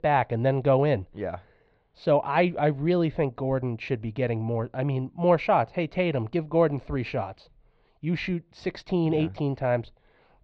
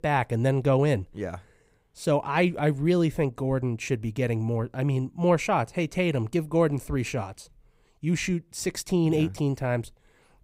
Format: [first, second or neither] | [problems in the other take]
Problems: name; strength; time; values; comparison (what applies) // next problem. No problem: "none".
second | muffled; slightly; fading above 4 kHz